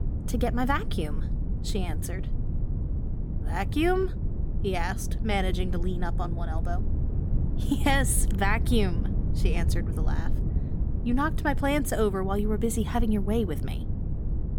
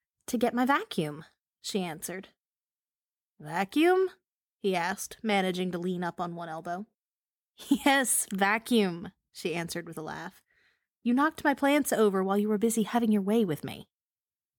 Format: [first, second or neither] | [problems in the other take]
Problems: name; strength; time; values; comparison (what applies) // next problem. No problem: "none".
second | low rumble; noticeable; throughout; 15 dB below the speech